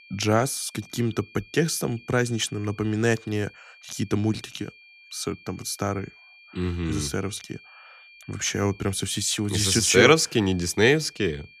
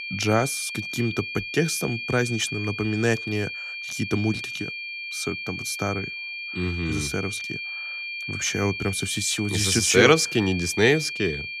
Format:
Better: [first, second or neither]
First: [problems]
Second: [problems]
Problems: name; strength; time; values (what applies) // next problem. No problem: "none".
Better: first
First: high-pitched whine; faint; throughout; 2.5 kHz, 25 dB below the speech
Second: high-pitched whine; loud; throughout; 2.5 kHz, 7 dB below the speech